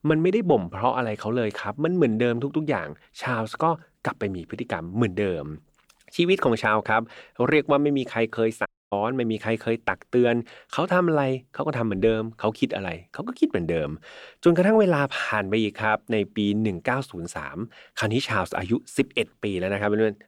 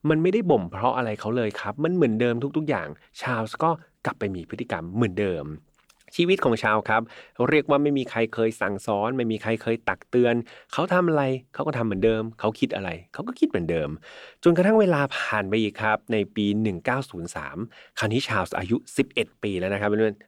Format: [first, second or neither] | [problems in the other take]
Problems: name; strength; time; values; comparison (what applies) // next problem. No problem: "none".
second | audio cutting out; at 8.5 s